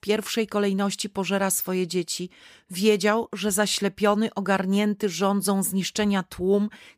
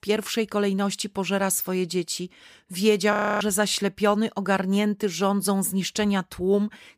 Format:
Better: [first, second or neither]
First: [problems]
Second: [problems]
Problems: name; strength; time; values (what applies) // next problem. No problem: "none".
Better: first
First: none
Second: audio freezing; at 3 s